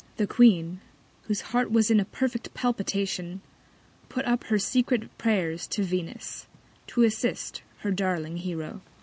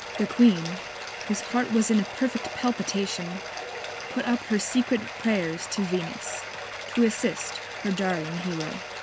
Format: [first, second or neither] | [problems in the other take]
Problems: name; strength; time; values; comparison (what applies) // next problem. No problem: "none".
first | background sound (Bathtub (filling or washing)); 9 dB below the speech